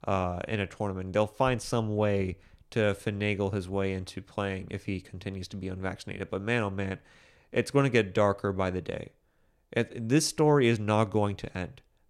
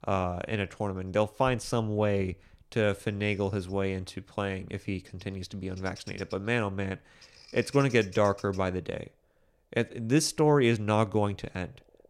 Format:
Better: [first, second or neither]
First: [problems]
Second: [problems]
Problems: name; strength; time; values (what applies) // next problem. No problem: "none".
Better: first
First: none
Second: animal sounds; faint; throughout; 20 dB below the speech